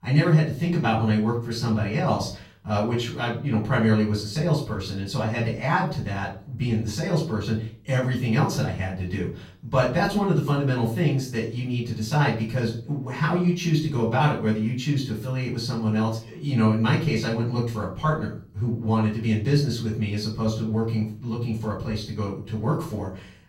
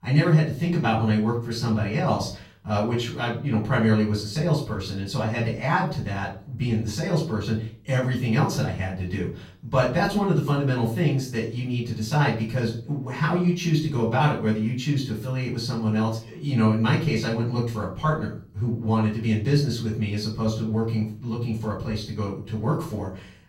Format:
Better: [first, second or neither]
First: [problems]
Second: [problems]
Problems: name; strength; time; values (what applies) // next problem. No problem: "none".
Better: neither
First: off-mic speech; far // room echo; slight; dies away in 0.4 s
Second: off-mic speech; far // room echo; slight; dies away in 0.4 s